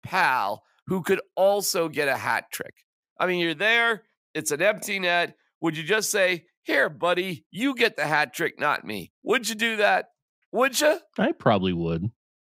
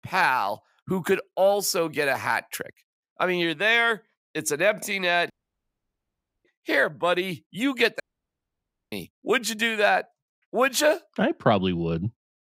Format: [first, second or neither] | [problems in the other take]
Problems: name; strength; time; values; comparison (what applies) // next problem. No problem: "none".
first | audio cutting out; at 5.5 s for 1 s and at 8 s for 1 s